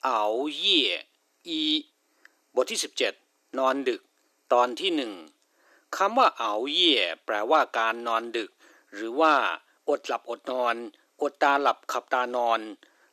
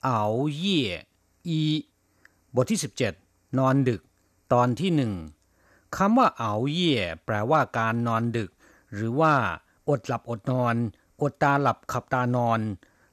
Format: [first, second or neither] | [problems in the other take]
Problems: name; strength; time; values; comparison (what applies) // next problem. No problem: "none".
second | thin; somewhat; fading below 300 Hz